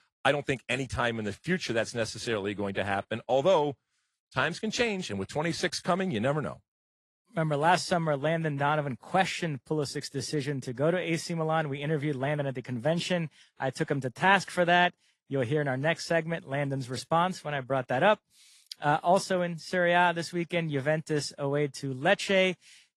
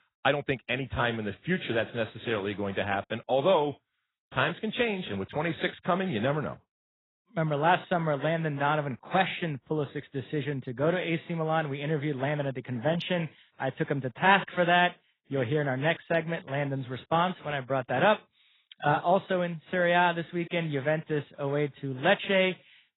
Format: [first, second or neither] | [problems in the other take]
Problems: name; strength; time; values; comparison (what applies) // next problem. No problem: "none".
first | garbled, watery; badly; nothing above 4 kHz; slightly in the first